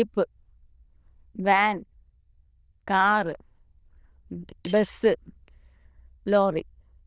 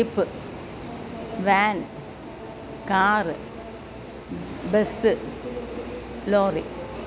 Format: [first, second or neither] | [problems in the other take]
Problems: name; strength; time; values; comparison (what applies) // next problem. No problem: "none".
second | noise reduction (neural diffusion model UNIVERSE++)